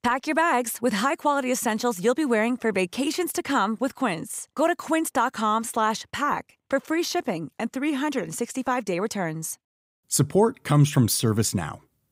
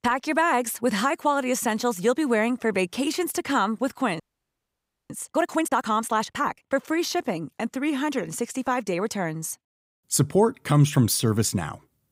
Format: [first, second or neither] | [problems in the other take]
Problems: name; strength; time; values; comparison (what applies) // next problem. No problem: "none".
first | audio freezing; at 4 s for 1 s